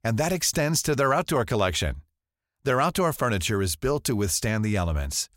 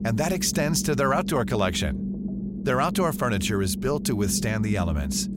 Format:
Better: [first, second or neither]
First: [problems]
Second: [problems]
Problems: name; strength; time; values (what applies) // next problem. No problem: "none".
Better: first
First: none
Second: low rumble; noticeable; throughout; 10 dB below the speech